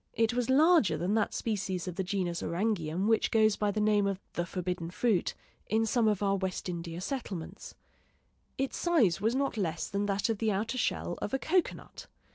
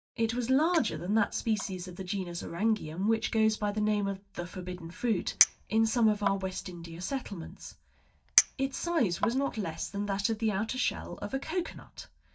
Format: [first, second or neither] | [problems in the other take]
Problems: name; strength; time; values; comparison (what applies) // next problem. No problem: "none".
first | noise reduction (neural mask model DeepFilterNet 3)